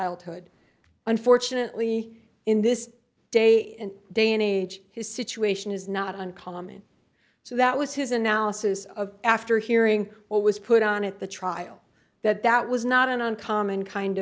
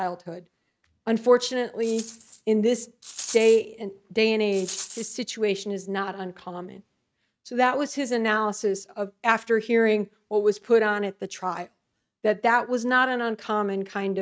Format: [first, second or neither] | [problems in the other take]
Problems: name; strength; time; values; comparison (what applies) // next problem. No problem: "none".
first | noise reduction (neural mask model RNNoise)